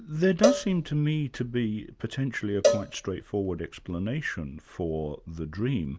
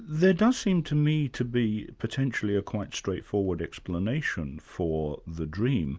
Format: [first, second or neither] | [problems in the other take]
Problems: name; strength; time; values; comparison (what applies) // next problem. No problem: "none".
second | background sound (Cowbell); 2 dB below the speech